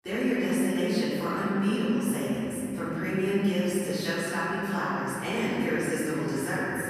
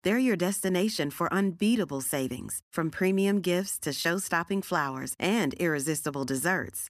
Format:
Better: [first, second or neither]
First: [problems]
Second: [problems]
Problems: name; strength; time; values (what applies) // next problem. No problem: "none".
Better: second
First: off-mic speech; far // room echo; strong; dies away in 3 s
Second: none